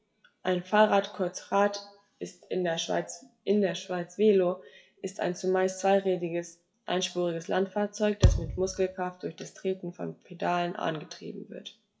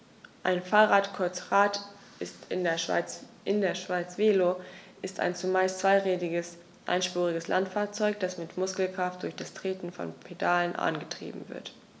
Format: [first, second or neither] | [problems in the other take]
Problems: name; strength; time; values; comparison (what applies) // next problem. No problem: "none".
second | noise reduction (classical method WPE with log-MMSE)